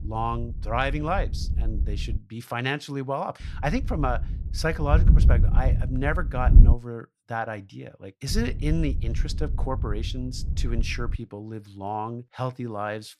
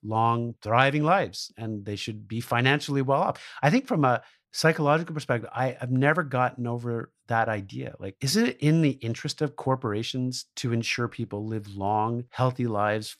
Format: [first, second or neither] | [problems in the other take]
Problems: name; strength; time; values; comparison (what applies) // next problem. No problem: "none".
second | wind noise on the microphone; occasional gusts; until 2 s, from 3.5 to 6.5 s and from 8.5 to 11 s; 10 dB below the speech